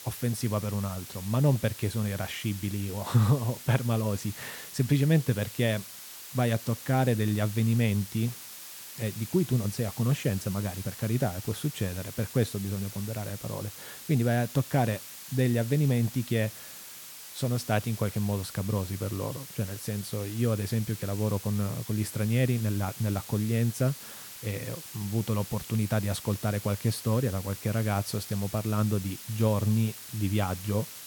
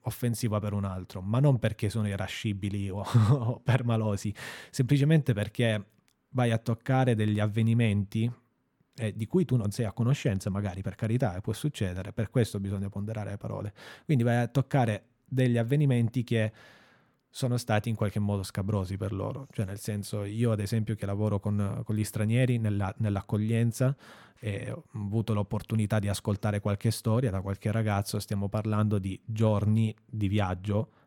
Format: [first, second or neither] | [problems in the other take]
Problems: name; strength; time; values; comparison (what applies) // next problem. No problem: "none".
second | hiss; noticeable; throughout; 10 dB below the speech